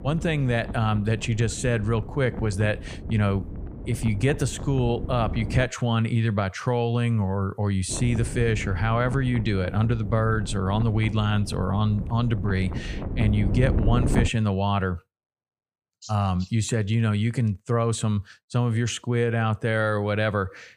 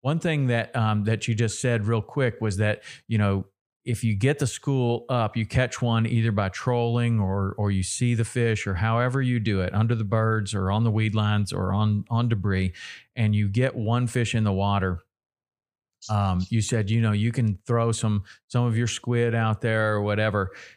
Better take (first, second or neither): second